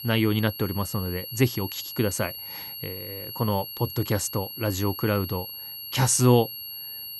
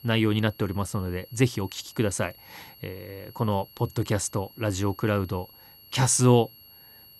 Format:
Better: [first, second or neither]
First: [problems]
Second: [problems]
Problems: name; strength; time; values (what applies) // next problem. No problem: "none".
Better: second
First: high-pitched whine; loud; throughout; 11.5 kHz, 9 dB below the speech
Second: high-pitched whine; faint; throughout; 11.5 kHz, 25 dB below the speech